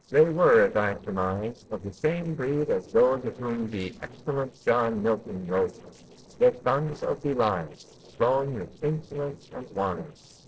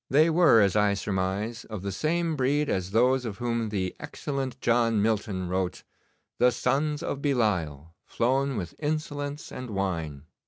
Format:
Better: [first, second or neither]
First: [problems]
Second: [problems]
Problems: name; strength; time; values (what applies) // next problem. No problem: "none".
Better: second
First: noise reduction (neural separator model SepFormer DNS4)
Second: none